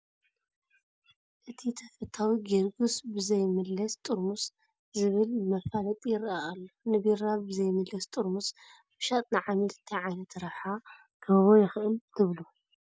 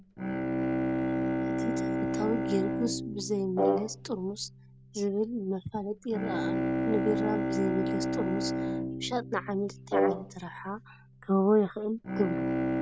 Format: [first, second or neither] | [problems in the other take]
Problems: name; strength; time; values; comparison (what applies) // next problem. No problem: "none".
first | background sound (Bowed string instrument + Brass instrument); 1 dB above the speech